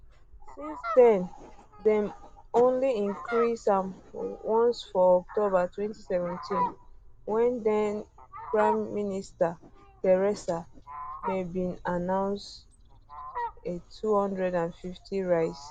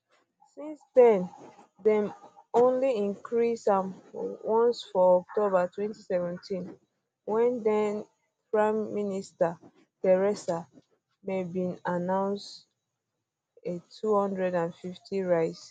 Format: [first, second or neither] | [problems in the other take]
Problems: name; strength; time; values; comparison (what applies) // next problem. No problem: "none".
second | background sound (Fowl); 13 dB below the speech